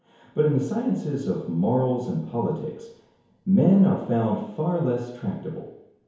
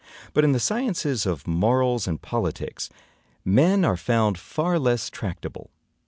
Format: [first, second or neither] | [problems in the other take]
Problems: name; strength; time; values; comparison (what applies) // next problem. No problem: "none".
second | room echo; dies away in 1 s